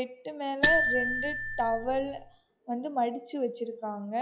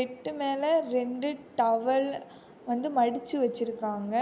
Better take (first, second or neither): second